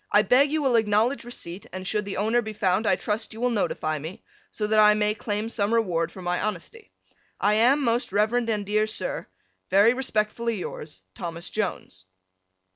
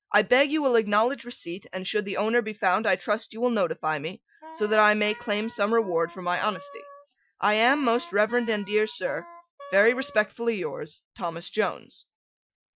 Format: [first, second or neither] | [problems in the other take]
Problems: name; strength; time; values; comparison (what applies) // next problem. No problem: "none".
first | noise reduction (classical method Wiener filter)